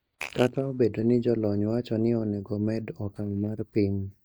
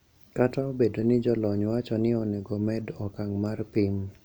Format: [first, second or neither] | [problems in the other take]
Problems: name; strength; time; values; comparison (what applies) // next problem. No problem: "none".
second | noise reduction (neural mask model DeepFilterNet 3)